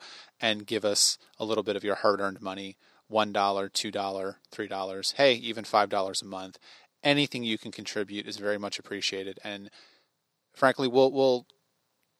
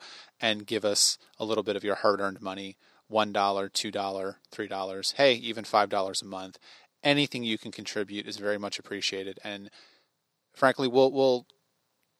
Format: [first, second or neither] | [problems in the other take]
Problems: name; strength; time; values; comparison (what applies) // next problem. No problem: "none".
neither | thin; somewhat; fading below 450 Hz; the same in both